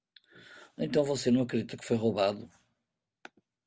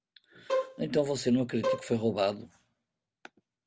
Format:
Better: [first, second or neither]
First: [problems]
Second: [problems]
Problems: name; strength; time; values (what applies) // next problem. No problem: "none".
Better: first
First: none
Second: background sound (Bowed string instrument); 4 dB below the speech